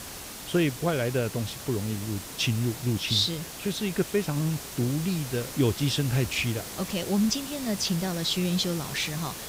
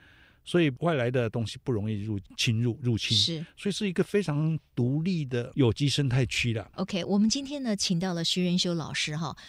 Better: second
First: hiss; loud; throughout; 9 dB below the speech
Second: none

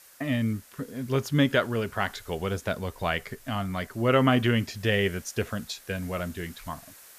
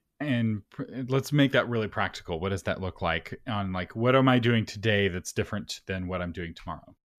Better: second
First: hiss; faint; throughout; 20 dB below the speech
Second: none

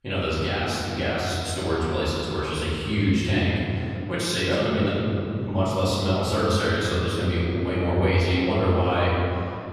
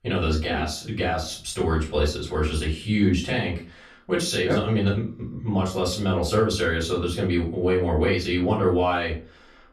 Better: second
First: room echo; strong; dies away in 2.7 s // off-mic speech; far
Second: room echo; slight; dies away in 0.3 s // off-mic speech; far

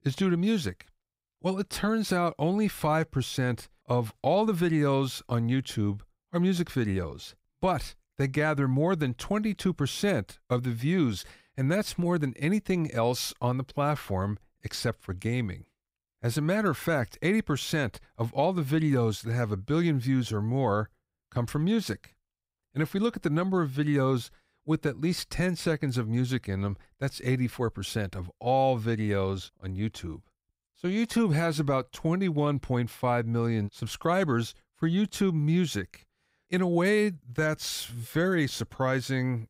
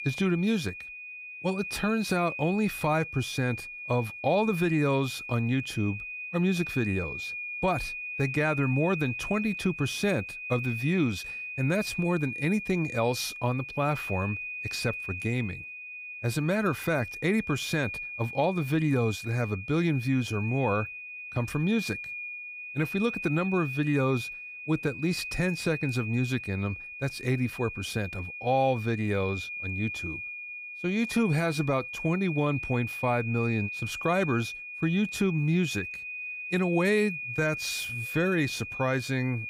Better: first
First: none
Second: high-pitched whine; loud; throughout; 2.5 kHz, 7 dB below the speech

